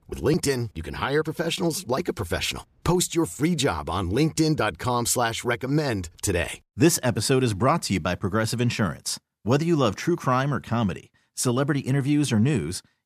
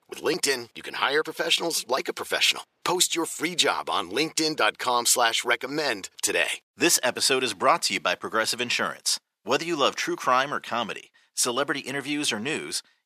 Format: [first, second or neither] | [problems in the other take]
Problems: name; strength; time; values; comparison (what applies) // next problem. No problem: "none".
first | thin; very; fading below 500 Hz